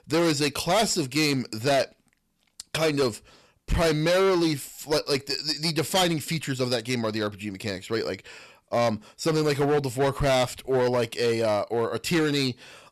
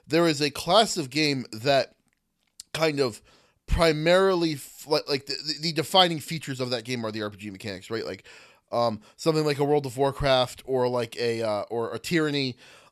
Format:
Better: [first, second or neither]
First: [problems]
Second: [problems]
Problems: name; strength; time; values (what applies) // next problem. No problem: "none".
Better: second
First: distortion; heavy; 11% of the sound clipped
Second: none